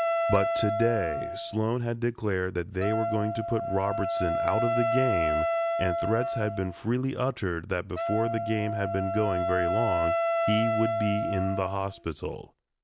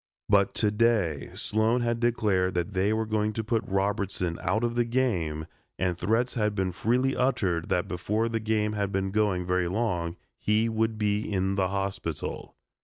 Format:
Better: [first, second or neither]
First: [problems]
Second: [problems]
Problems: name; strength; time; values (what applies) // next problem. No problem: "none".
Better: second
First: background sound (Wind instrument, woodwind instrument); as loud as the speech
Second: none